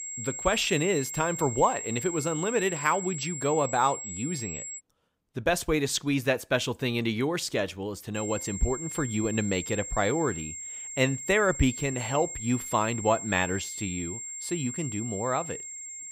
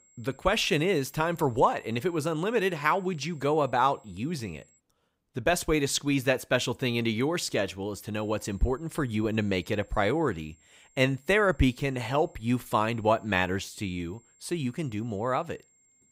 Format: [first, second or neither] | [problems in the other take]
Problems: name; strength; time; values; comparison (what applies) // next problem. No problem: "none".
second | high-pitched whine; loud; until 5 s and from 8 s on; 7.5 kHz, 7 dB below the speech; faint in the second